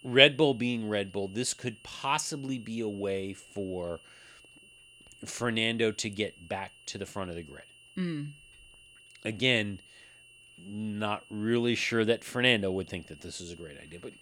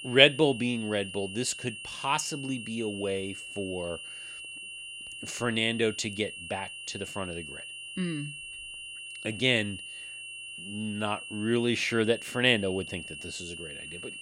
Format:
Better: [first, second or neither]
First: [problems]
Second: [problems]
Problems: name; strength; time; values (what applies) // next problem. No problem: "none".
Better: first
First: high-pitched whine; faint; throughout; 3 kHz, 25 dB below the speech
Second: high-pitched whine; loud; throughout; 3 kHz, 10 dB below the speech